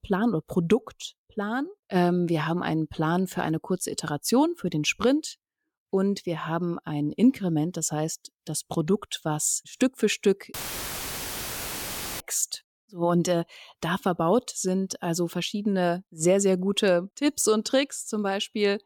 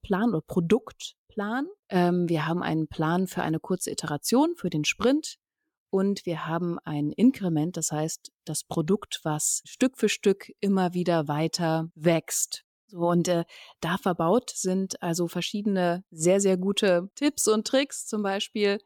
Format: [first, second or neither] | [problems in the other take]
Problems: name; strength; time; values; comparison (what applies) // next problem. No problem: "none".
second | audio cutting out; filled with static; at 11 s for 1.5 s